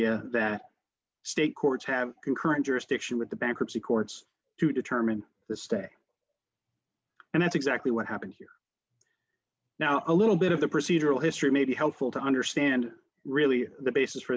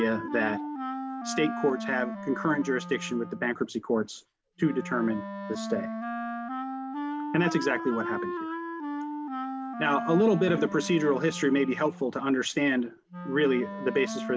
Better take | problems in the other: first | background sound (Wind instrument, woodwind instrument); 7 dB below the speech

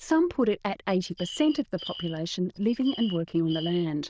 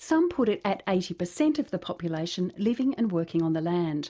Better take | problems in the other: second | noise reduction (neural diffusion model UNIVERSE++)

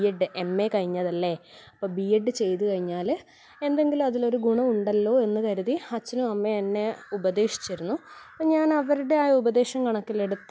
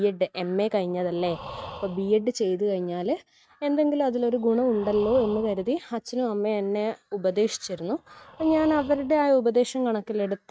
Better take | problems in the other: first | noise reduction (neural mask model RNNoise)

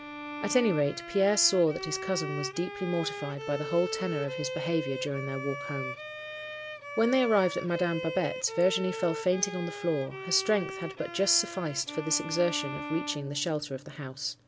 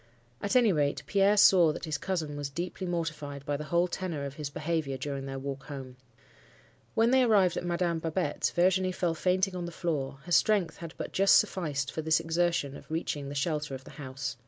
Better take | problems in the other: second | background sound (Bowed string instrument); 9 dB below the speech

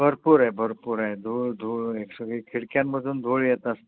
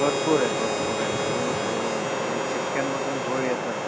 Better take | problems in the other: first | background sound (Harmonica + Wind); 3 dB above the speech

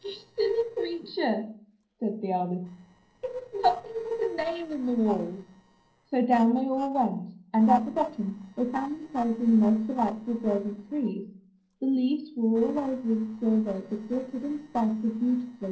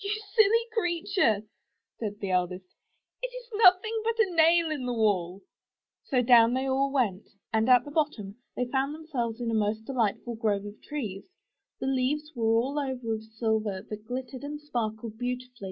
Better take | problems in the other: second | noise reduction (neural separator model SepFormer DNS4)

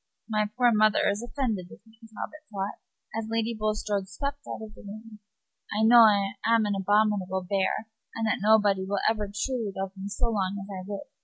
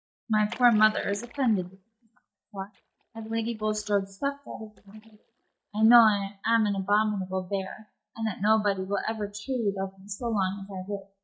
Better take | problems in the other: first | noise reduction (neural mask model DeepFilterNet 3)

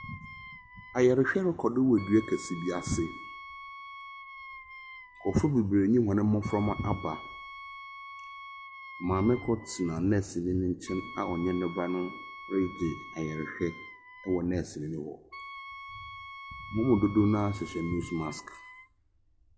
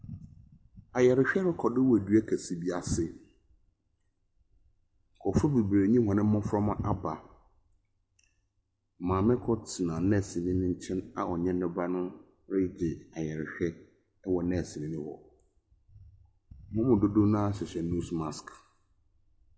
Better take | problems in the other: second | background sound (Wind instrument, woodwind instrument); 15 dB below the speech

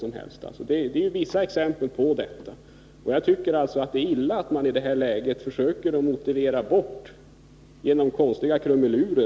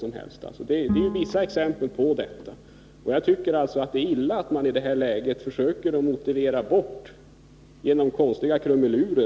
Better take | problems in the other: first | background sound (Bowed string instrument); 11 dB below the speech

